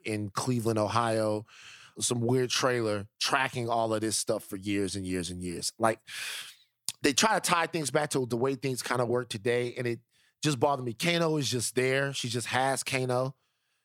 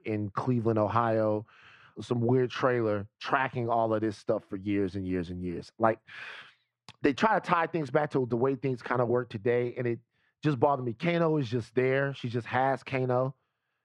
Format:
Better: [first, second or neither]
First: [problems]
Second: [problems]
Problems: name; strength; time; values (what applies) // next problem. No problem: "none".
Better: first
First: none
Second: muffled; very; fading above 1.5 kHz